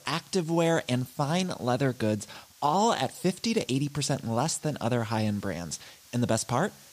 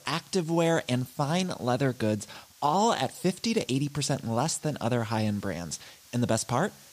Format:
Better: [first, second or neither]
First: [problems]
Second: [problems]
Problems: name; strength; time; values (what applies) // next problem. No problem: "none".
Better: neither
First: hiss; faint; throughout; 25 dB below the speech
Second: hiss; faint; throughout; 25 dB below the speech